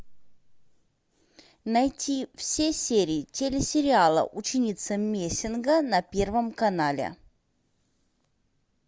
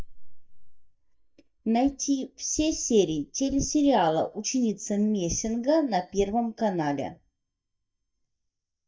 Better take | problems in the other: first | noise reduction (neural mask model DeepFilterNet 3)

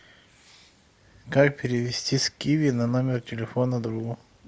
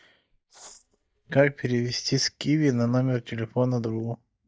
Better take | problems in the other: first | noise reduction (neural mask model DeepFilterNet 3)

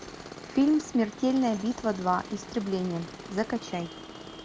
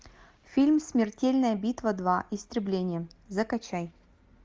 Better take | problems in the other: second | background sound (Tools + Traffic noise, roadway noise); 14 dB below the speech

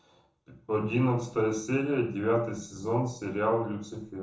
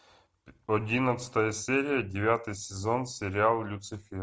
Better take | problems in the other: second | room echo; dies away in 0.6 s

